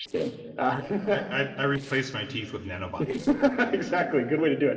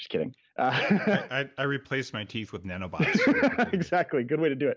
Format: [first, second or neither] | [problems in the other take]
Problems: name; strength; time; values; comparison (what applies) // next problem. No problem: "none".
second | noise reduction (neural separator model SepFormer DNS4)